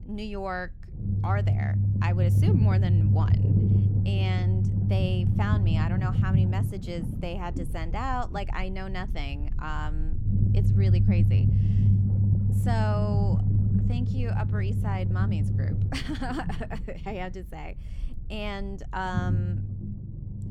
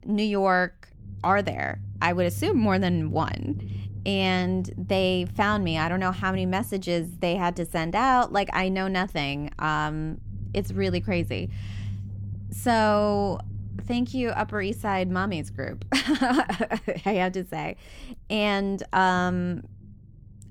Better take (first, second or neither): second